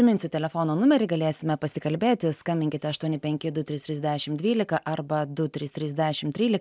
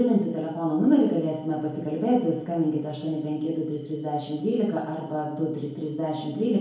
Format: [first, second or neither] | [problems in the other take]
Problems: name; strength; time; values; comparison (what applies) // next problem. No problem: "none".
first | room echo; dies away in 2 s